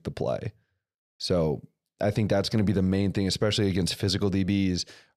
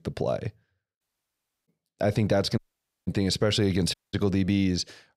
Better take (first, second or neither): first